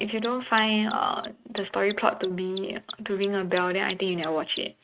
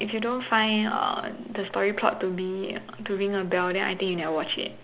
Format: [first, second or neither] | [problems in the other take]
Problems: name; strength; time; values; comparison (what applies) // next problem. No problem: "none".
second | noise reduction (neural mask model RNNoise)